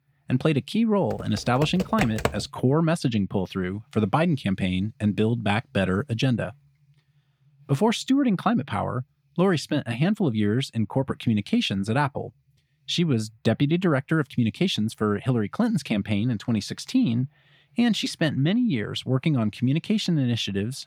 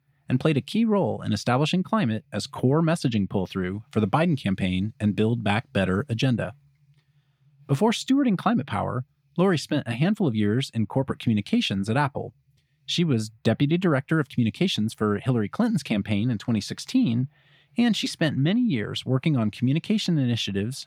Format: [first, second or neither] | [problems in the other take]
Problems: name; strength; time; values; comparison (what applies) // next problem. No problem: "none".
second | keyboard typing; noticeable; from 1 to 2.5 s; peak 3 dB below the speech